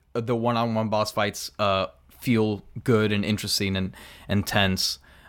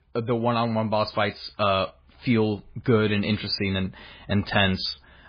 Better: first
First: none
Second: garbled, watery; badly; nothing above 5 kHz

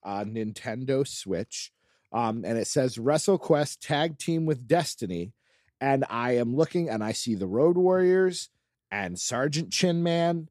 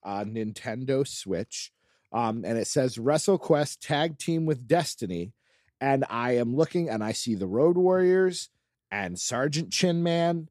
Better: neither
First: none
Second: none

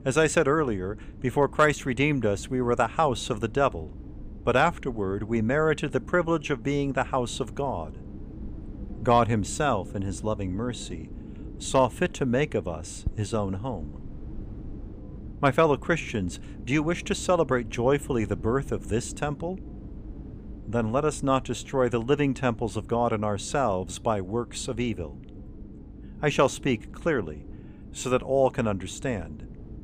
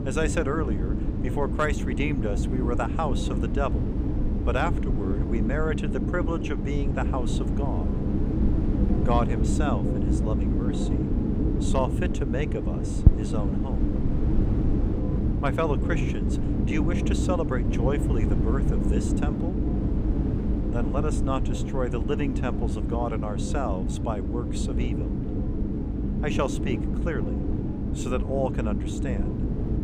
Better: first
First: low rumble; faint; throughout; 25 dB below the speech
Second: low rumble; loud; throughout; 3 dB below the speech

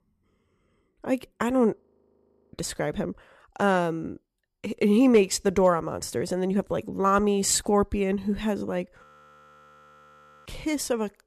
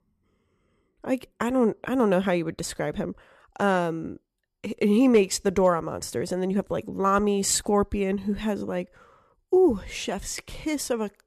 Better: second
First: audio freezing; at 2 s for 0.5 s and at 9 s for 1.5 s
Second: none

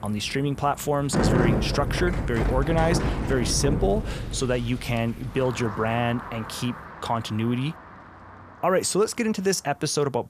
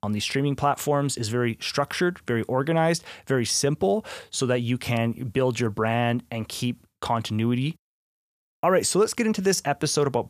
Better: second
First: traffic noise; loud; throughout; 3 dB below the speech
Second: none

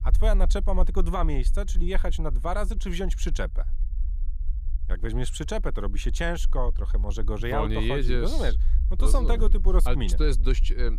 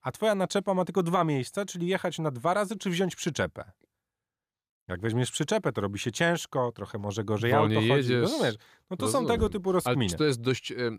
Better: second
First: low rumble; faint; throughout; 20 dB below the speech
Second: none

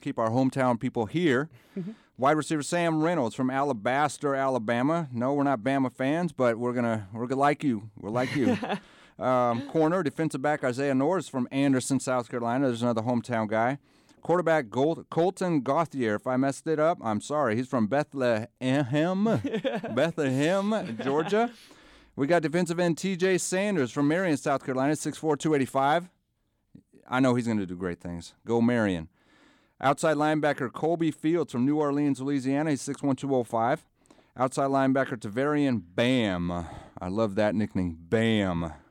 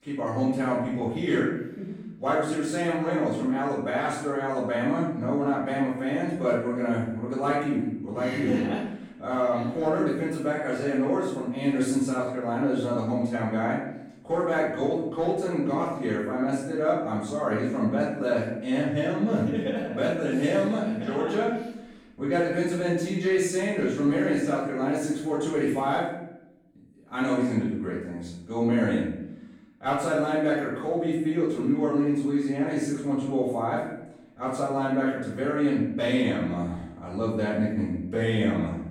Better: first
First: none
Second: off-mic speech; far // room echo; noticeable; dies away in 0.7 s

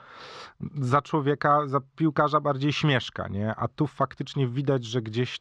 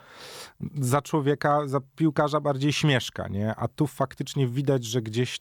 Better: second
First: muffled; very slightly; fading above 5 kHz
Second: none

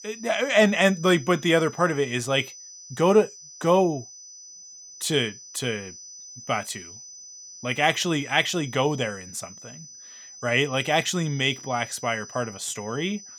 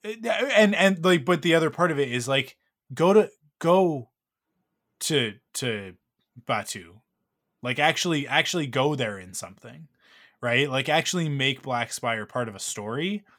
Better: second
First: high-pitched whine; noticeable; throughout; 6 kHz, 15 dB below the speech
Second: none

